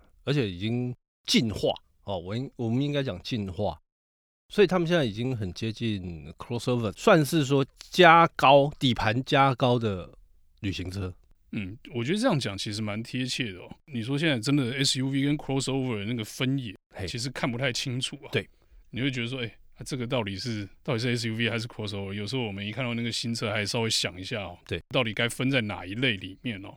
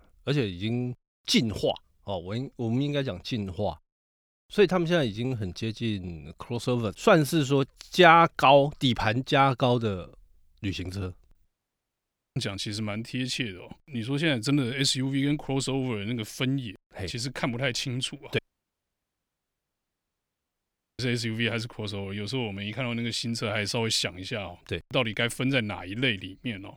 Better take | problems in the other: first | audio cutting out; at 11 s for 1 s and at 18 s for 2.5 s

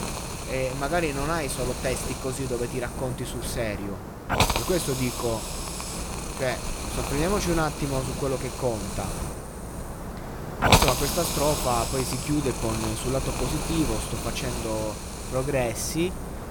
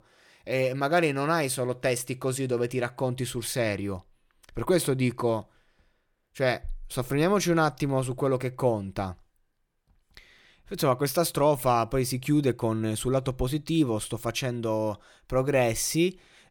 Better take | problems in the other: second | hiss; loud; throughout; 1 dB below the speech

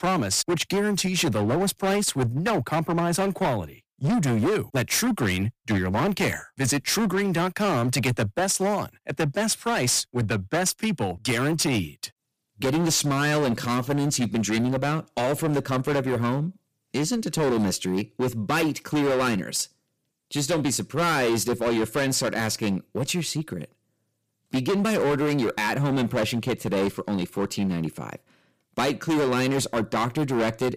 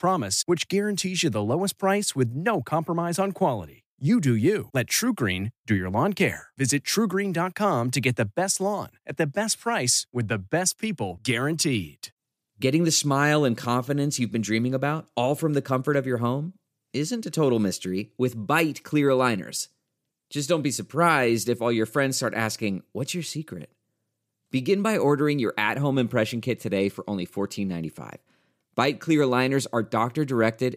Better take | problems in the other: second | distortion; heavy; 19% of the sound clipped

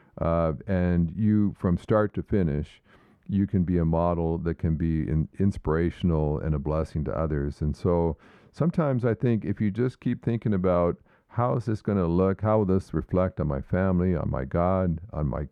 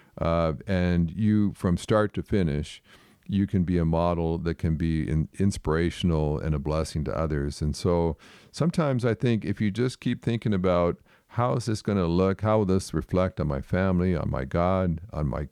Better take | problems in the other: second | muffled; slightly; fading above 2.5 kHz

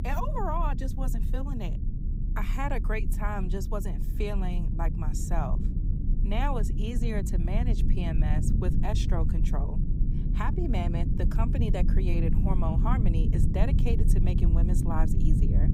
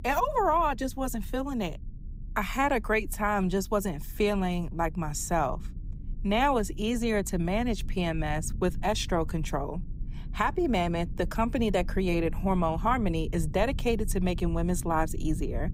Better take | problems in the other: second | low rumble; loud; throughout; 5 dB below the speech; faint in the second

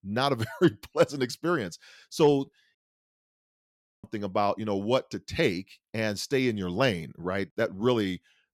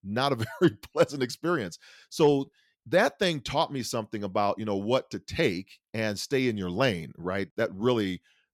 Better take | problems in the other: second | audio cutting out; at 3 s for 1.5 s

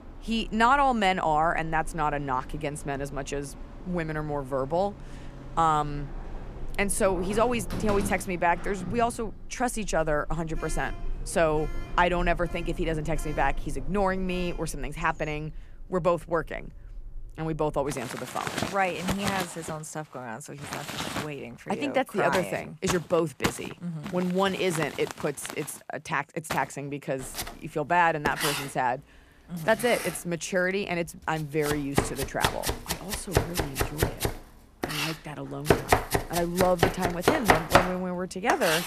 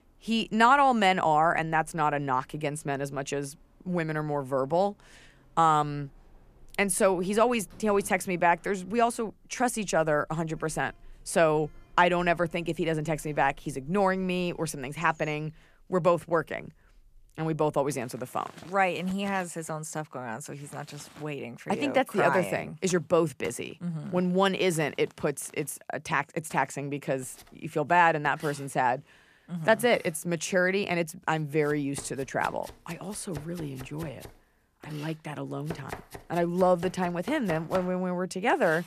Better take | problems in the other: second | household noises; loud; throughout; 3 dB below the speech; faint in the second

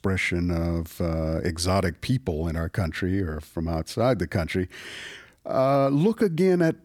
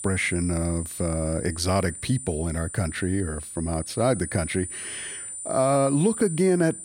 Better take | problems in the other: first | high-pitched whine; loud; throughout; 9 kHz, 8 dB below the speech

